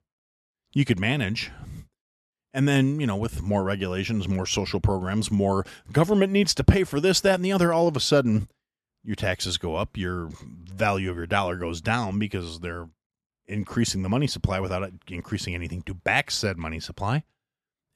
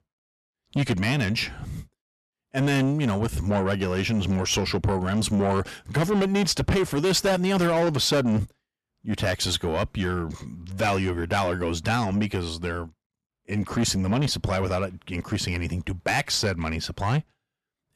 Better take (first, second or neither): first